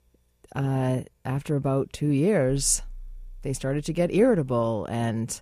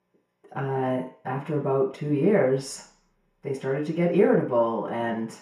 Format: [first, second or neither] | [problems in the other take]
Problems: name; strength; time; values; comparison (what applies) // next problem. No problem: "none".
first | room echo; slight; dies away in 0.5 s // off-mic speech; far